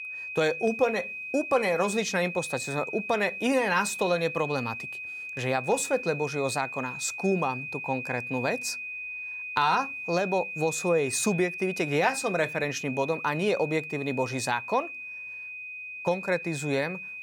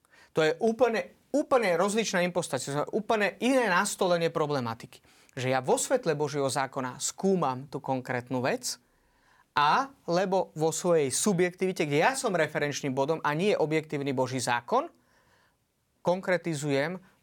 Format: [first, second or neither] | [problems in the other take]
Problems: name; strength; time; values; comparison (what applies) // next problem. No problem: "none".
second | high-pitched whine; loud; throughout; 2.5 kHz, 7 dB below the speech